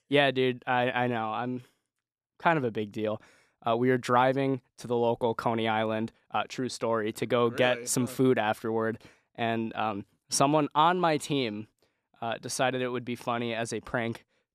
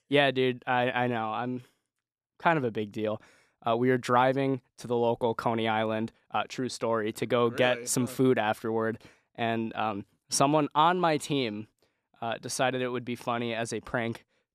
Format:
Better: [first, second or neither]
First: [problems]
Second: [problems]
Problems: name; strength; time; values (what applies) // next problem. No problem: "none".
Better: neither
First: none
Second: none